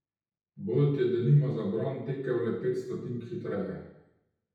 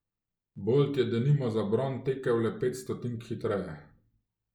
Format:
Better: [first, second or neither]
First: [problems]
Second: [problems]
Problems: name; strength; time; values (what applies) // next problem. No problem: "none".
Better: second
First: room echo; dies away in 0.8 s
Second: none